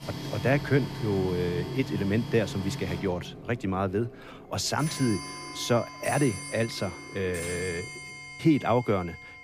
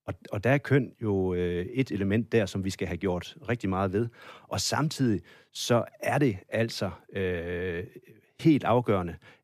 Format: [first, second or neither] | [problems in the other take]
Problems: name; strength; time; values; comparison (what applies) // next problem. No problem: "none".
second | household noises; loud; throughout; 9 dB below the speech